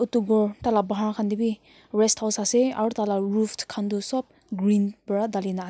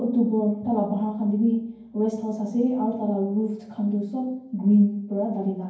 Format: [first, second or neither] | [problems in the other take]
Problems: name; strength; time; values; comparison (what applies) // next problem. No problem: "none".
first | room echo; dies away in 0.9 s